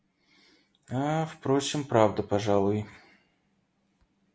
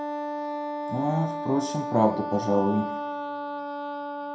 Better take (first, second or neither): first